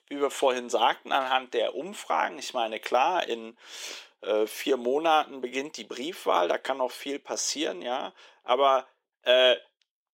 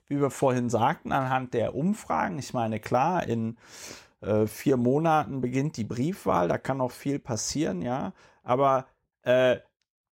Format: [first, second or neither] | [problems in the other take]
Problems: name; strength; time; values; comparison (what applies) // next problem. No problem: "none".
second | thin; somewhat; fading below 350 Hz